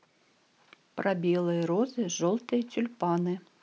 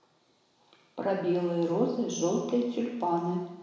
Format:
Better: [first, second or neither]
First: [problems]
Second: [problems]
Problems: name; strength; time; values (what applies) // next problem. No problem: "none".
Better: first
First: none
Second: room echo; dies away in 1 s